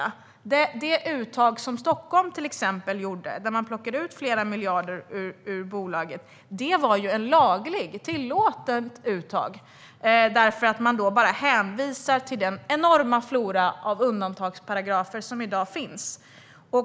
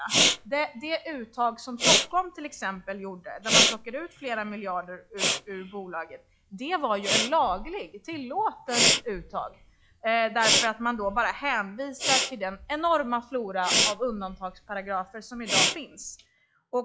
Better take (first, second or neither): first